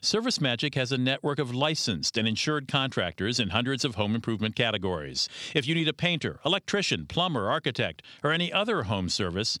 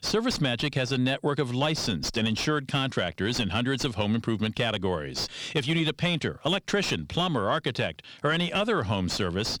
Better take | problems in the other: first | distortion; slight; 9 dB below the speech

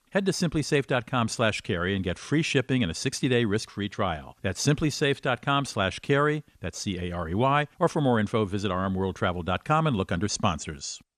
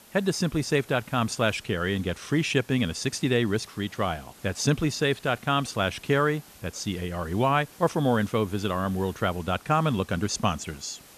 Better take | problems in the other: first | hiss; faint; throughout; 25 dB below the speech

